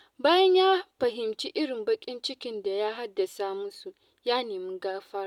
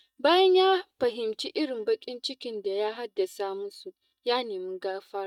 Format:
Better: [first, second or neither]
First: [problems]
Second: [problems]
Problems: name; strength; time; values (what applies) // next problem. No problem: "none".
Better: first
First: none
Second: noise reduction (neural mask model DeepFilterNet 3)